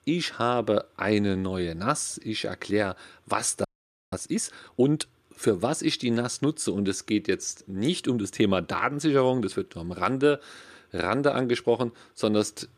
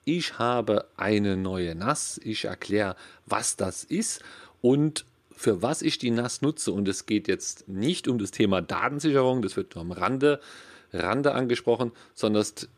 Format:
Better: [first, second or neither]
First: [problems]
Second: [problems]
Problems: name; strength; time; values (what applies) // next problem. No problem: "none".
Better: second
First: audio freezing; at 3.5 s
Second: none